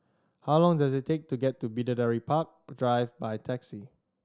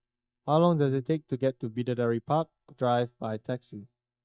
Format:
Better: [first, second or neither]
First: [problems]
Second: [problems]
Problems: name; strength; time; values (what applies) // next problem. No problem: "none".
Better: first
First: none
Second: noise reduction (neural mask model DeepFilterNet 3)